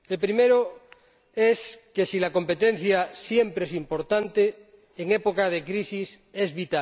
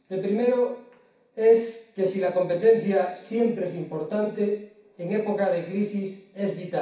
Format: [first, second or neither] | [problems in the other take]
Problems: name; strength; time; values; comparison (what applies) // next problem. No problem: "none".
first | room echo; dies away in 0.6 s